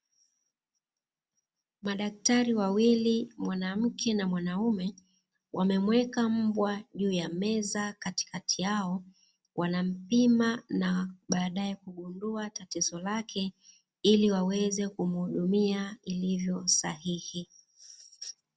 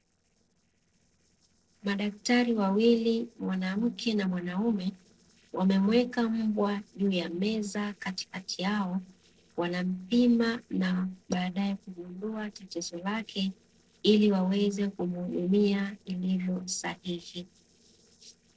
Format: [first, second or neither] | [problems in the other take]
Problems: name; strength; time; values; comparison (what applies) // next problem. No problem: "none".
first | noise reduction (neural separator model SepFormer DNS4)